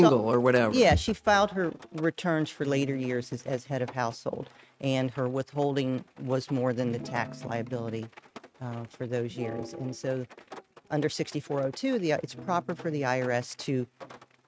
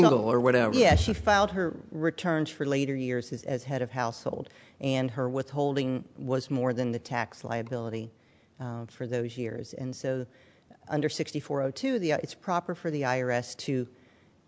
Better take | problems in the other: second | noise reduction (neural mask model RNNoise)

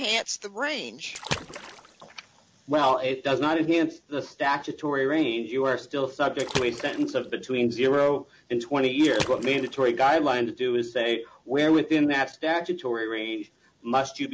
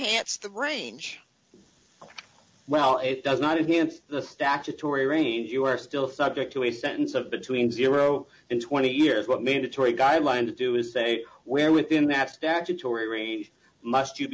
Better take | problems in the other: second | background sound (Water / Splash, splatter); 13 dB below the speech

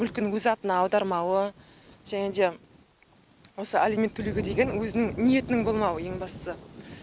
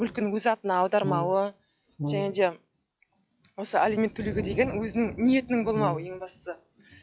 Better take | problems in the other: first | noise reduction (classical method log-MMSE)

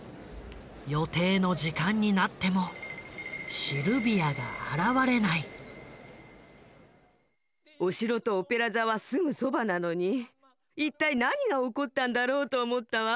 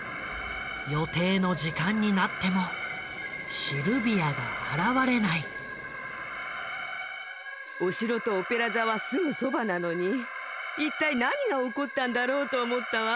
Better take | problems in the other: first | background sound (Alarm); 8 dB below the speech

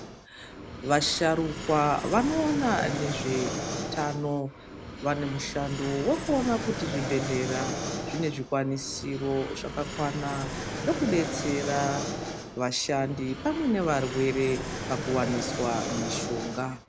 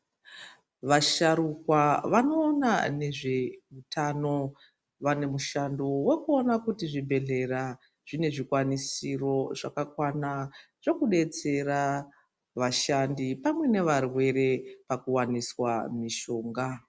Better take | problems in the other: second | background sound (Fixed-wing aircraft, airplane); 6 dB below the speech

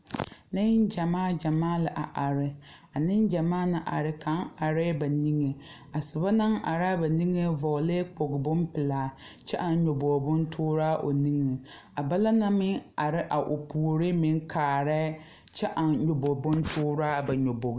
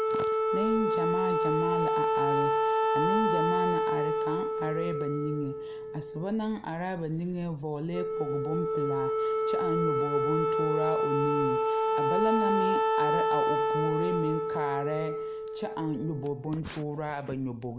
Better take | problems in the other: first | background sound (Wind instrument, woodwind instrument); 5 dB above the speech

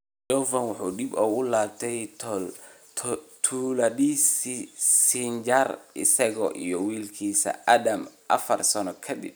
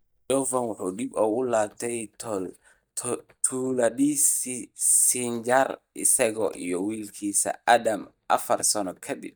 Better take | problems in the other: first | noise reduction (neural mask model DeepFilterNet 3)

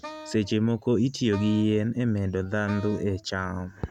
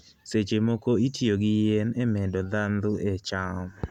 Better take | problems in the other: second | background sound (Wind instrument, woodwind instrument); 18 dB below the speech

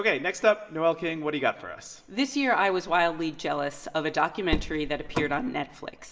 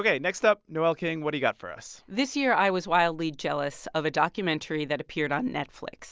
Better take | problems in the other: second | background sound (Car); 4 dB below the speech // room echo; dies away in 1 s

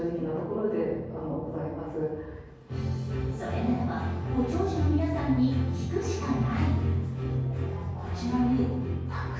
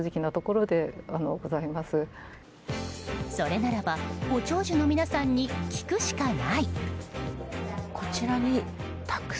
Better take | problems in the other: second | room echo; dies away in 1.3 s

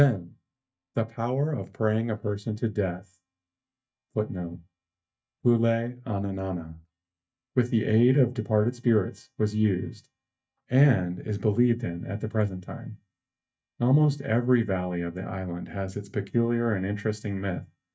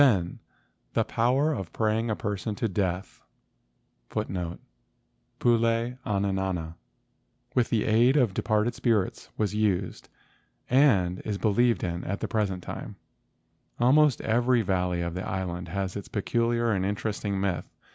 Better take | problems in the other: second | noise reduction (neural mask model DeepFilterNet 3)

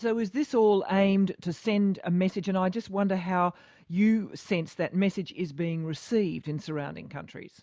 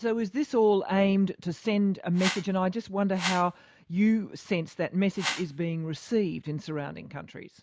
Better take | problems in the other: first | background sound (Whoosh, swoosh, swish); 8 dB below the speech

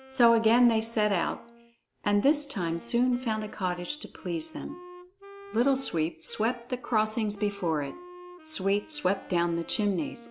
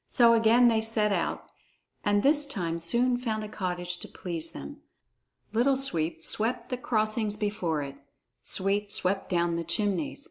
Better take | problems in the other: second | background sound (Wind instrument, woodwind instrument); 20 dB below the speech

